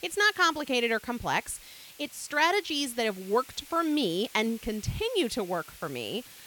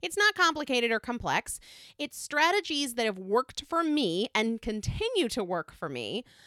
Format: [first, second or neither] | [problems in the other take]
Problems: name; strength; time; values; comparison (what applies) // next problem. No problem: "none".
second | hiss; noticeable; throughout; 20 dB below the speech